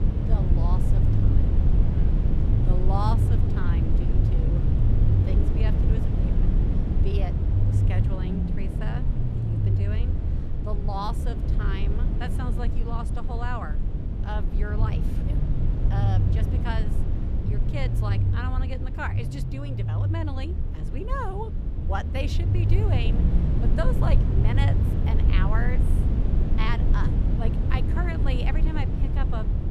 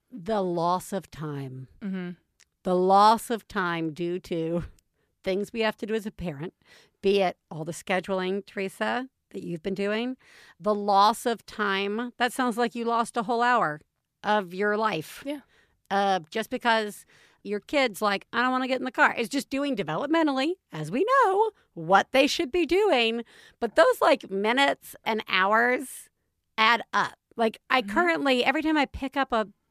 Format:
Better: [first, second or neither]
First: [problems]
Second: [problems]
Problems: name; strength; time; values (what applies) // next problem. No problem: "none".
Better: second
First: low rumble; loud; throughout; 2 dB below the speech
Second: none